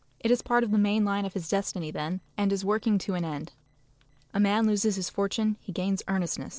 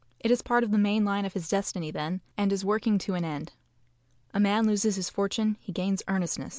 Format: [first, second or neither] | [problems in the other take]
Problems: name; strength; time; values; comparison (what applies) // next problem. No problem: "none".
second | noise reduction (neural separator model SepFormer DNS4)